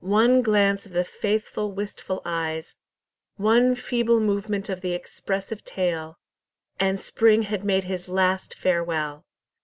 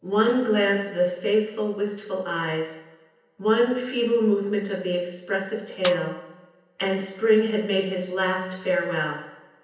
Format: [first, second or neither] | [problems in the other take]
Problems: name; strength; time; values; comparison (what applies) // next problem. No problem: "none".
first | background sound (Snare drum); 14 dB below the speech // room echo; dies away in 0.9 s